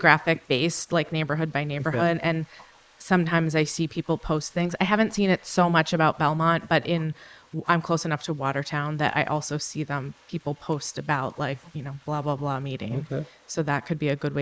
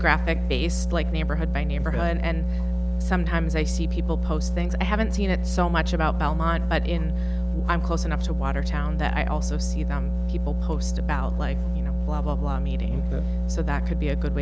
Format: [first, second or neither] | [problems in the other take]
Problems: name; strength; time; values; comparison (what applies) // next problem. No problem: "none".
second | noise reduction (neural mask model Resemble Enhance denoiser)